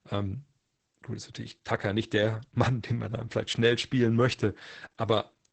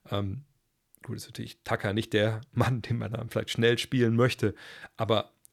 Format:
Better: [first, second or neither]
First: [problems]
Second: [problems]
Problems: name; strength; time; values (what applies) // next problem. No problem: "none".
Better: second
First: garbled, watery; badly; nothing above 8 kHz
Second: none